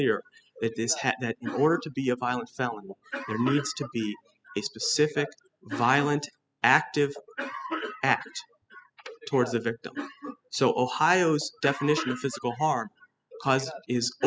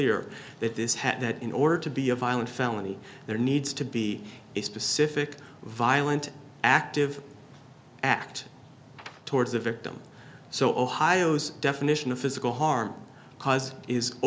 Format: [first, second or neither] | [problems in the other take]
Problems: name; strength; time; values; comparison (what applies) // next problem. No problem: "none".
second | noise reduction (classical method spectral subtraction)